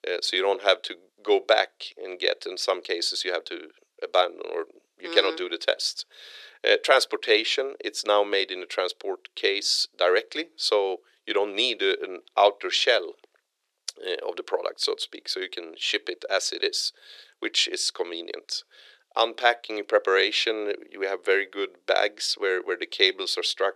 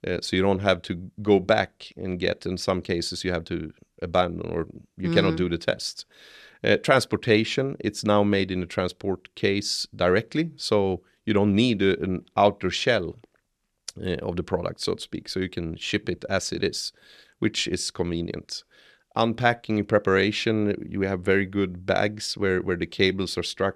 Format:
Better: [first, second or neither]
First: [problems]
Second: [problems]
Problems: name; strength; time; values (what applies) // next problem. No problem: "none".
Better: second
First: thin; very; fading below 400 Hz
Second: none